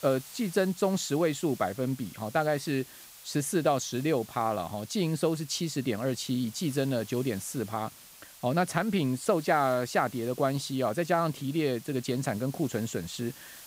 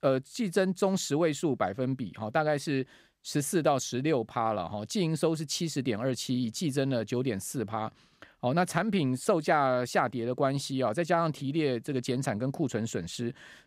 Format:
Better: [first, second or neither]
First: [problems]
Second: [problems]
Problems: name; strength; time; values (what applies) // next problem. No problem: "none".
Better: second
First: hiss; noticeable; throughout; 20 dB below the speech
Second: none